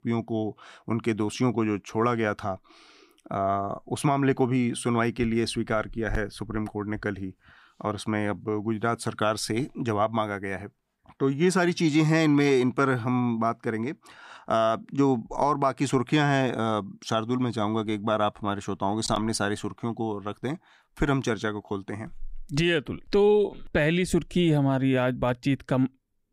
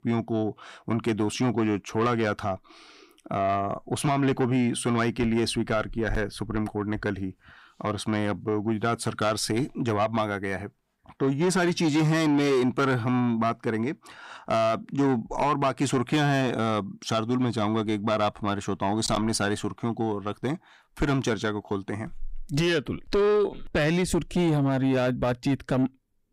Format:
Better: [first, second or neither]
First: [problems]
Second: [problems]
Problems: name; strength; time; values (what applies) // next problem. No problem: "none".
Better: first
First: none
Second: distortion; slight; 10 dB below the speech